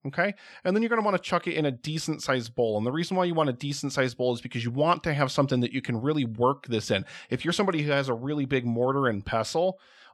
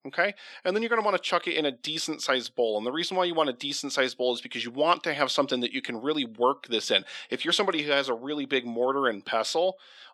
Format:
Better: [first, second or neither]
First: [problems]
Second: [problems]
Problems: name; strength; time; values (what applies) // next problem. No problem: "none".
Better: first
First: none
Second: thin; very slightly; fading below 300 Hz